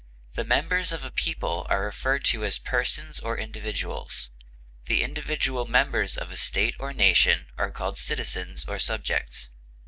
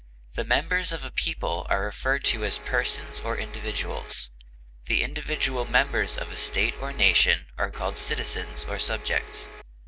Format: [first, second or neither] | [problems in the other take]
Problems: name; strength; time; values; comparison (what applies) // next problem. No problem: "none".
first | background sound (Domestic sounds, home sounds); 15 dB below the speech